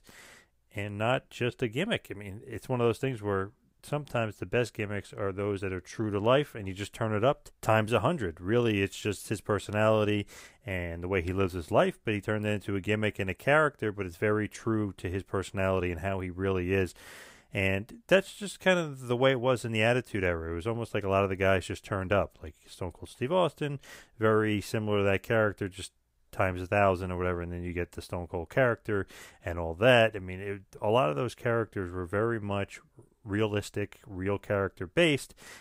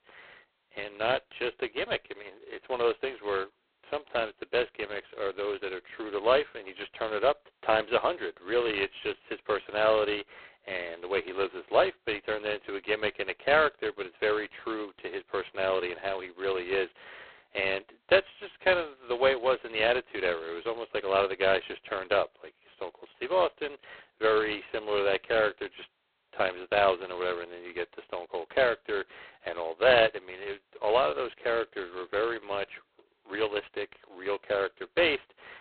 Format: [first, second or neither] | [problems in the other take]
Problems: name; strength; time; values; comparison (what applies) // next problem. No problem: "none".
first | phone-call audio; poor line; nothing above 4 kHz